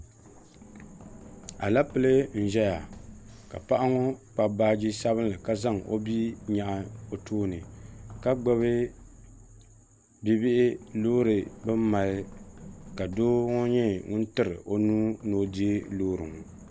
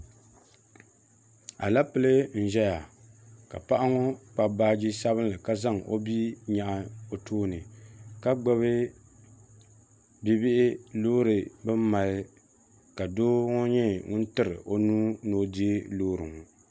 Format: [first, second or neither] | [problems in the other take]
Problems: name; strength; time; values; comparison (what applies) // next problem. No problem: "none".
second | background sound (Run); 19 dB below the speech